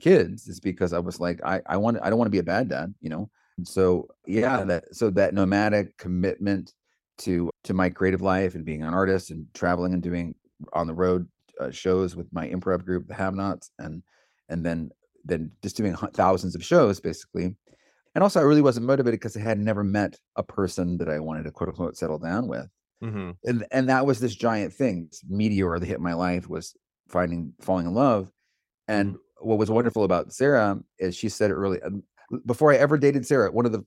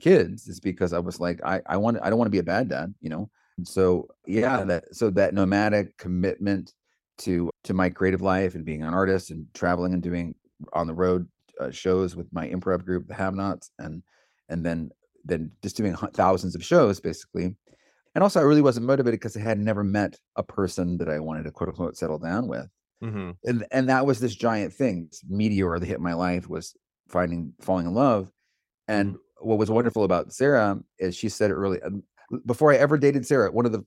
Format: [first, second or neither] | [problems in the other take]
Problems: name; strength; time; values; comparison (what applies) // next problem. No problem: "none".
neither | none